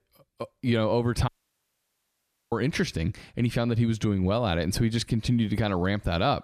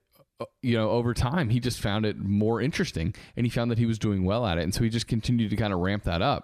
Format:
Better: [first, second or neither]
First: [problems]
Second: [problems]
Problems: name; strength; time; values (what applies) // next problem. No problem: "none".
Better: second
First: audio cutting out; at 1.5 s for 1 s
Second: none